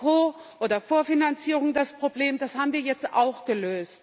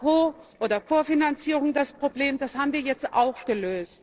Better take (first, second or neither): first